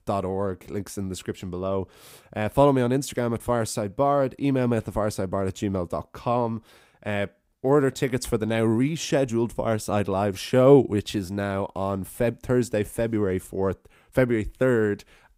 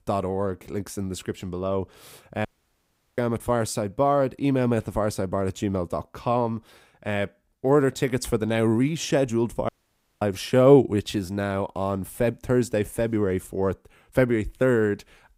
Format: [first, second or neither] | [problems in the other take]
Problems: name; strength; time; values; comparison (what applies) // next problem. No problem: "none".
first | audio cutting out; at 2.5 s for 0.5 s and at 9.5 s for 0.5 s